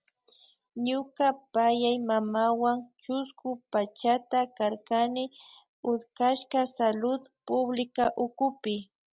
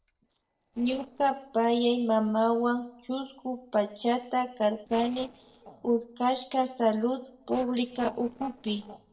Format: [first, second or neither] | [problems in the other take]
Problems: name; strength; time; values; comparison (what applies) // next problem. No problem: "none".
first | noise reduction (neural separator model SepFormer DNS4)